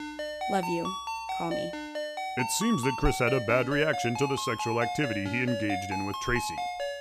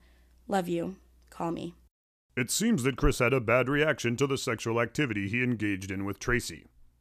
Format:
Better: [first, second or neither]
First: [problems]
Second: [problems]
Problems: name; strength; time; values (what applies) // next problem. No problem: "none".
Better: second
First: phone ringing; noticeable; peak 3 dB below the speech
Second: none